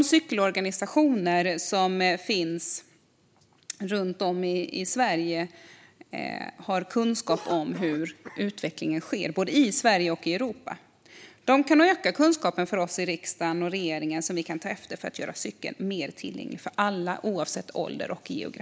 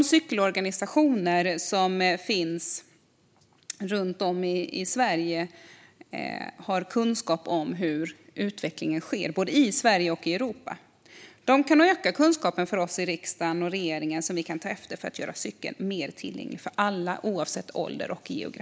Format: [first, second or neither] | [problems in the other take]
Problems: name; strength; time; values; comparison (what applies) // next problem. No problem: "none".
second | background sound (Cough); 16 dB below the speech